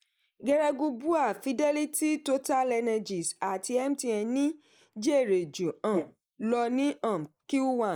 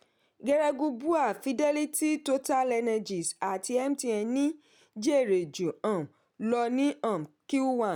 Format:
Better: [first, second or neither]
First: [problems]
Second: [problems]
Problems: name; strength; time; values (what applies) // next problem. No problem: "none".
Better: second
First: noise reduction (neural mask model Resemble Enhance denoiser)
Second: none